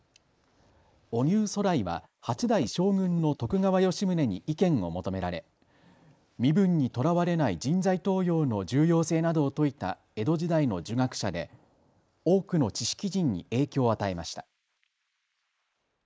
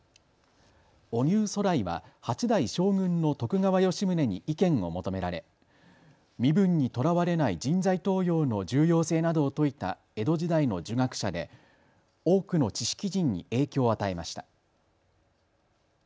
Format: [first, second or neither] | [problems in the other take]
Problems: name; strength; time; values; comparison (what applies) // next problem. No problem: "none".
second | noise reduction (neural mask model Resemble Enhance denoiser)